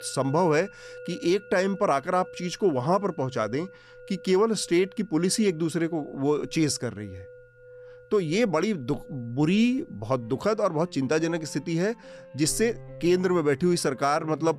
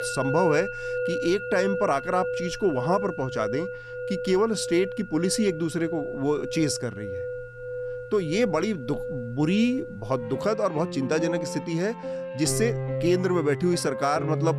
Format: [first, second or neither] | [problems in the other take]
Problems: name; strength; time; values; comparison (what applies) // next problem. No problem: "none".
first | background music; loud; throughout; 6 dB below the speech; faint in the first